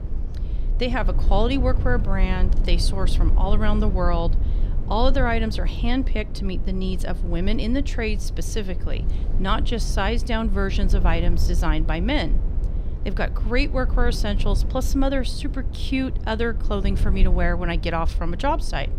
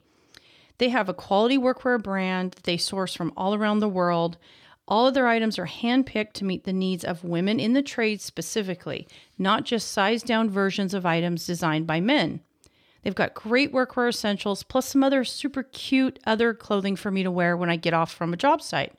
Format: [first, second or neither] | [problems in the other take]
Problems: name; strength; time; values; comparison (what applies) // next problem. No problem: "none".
second | low rumble; noticeable; throughout; 15 dB below the speech